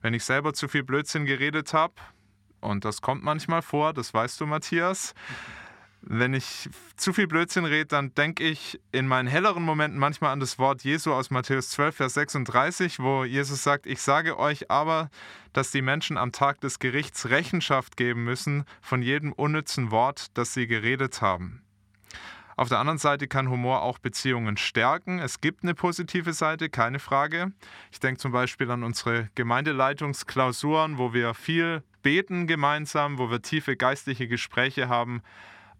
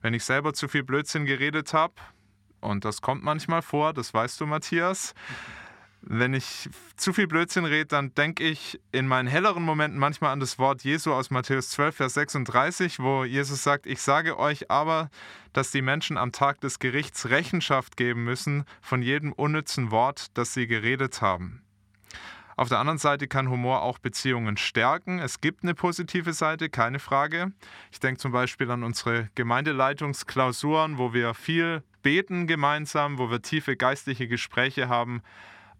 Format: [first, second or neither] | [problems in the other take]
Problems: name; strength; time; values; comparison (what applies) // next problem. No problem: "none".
neither | none